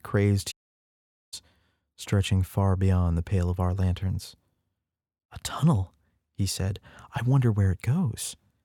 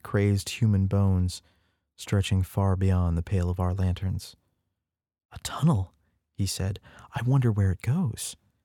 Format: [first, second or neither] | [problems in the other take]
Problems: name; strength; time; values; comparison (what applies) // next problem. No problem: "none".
second | audio cutting out; at 0.5 s for 1 s